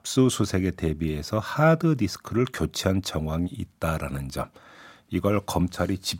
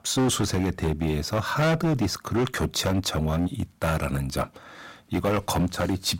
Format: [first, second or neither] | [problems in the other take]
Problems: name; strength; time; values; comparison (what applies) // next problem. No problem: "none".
first | distortion; heavy; 12% of the sound clipped